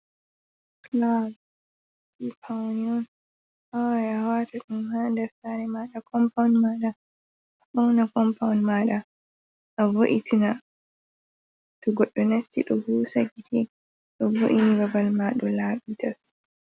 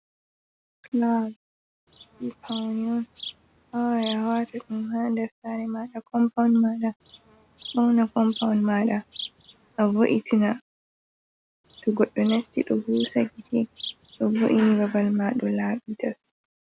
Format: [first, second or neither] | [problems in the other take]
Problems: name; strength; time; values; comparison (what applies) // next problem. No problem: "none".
first | background sound (Insect); 17 dB below the speech